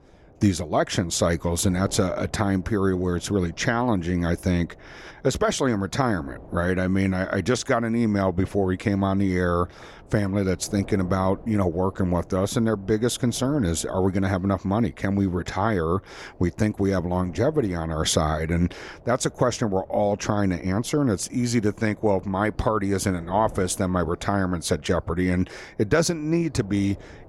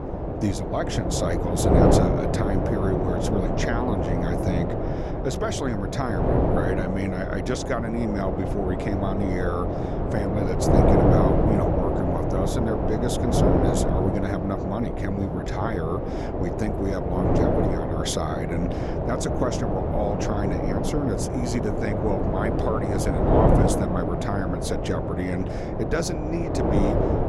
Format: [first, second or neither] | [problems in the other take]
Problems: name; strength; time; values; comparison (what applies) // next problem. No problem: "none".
first | wind noise on the microphone; heavy; 3 dB above the speech; occasional gusts in the first